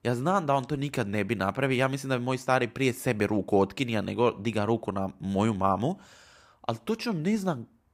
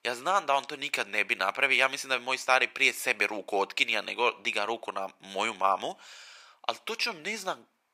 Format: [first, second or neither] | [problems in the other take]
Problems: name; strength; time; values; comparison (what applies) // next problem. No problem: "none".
first | thin; very; fading below 650 Hz